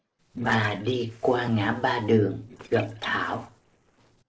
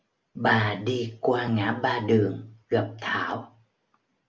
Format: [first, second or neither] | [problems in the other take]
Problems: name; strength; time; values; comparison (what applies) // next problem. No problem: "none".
second | noise reduction (neural separator model SepFormer DNS4)